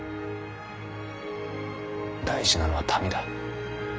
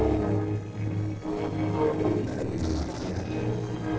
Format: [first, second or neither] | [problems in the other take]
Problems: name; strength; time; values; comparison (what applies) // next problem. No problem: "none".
first | noise reduction (neural separator model SepFormer DNS4)